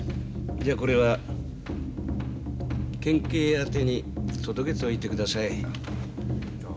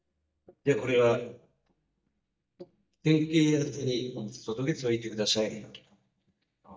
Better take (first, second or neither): first